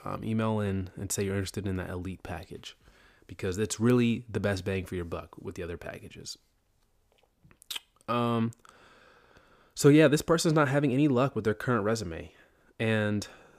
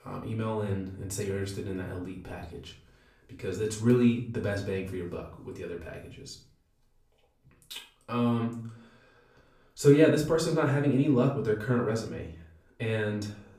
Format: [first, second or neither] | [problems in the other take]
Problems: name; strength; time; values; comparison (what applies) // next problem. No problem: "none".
first | room echo; slight; dies away in 0.5 s // off-mic speech; far